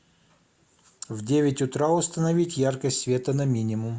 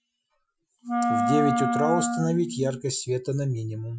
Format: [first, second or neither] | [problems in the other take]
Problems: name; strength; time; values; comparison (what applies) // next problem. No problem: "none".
first | noise reduction (classical method Wiener filter)